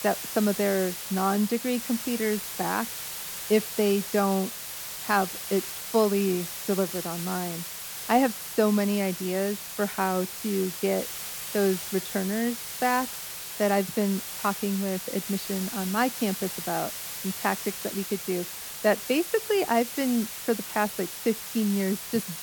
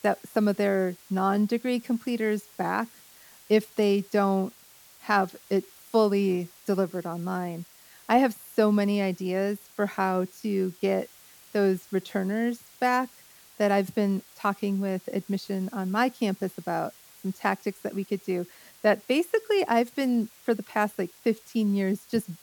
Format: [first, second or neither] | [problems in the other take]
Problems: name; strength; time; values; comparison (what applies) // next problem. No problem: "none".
second | hiss; loud; throughout; 6 dB below the speech; faint in the second